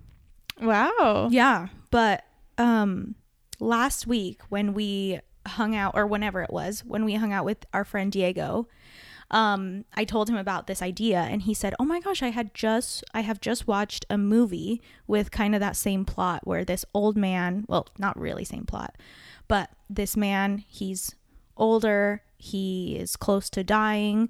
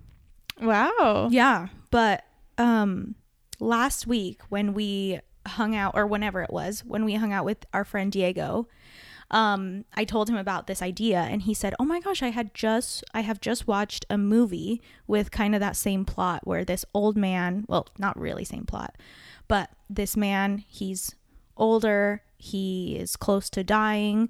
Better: neither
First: none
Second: none

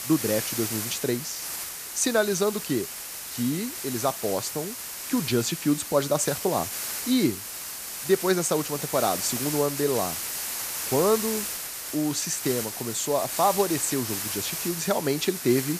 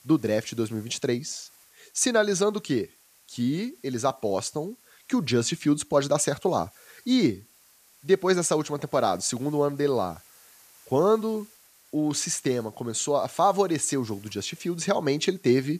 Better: second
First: hiss; loud; throughout; 4 dB below the speech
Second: hiss; faint; throughout; 25 dB below the speech

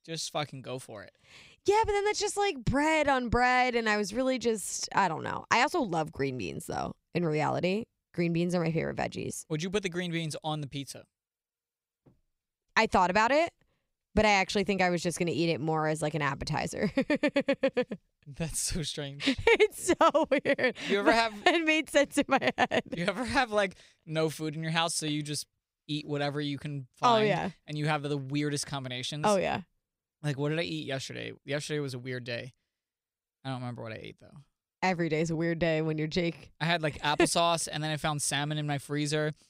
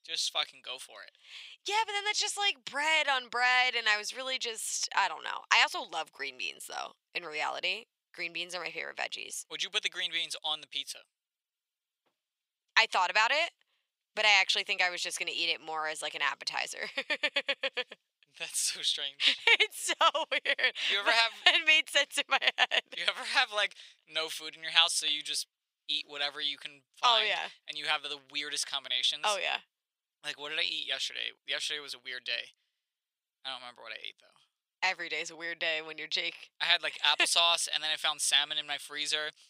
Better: first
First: none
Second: thin; very; fading below 950 Hz

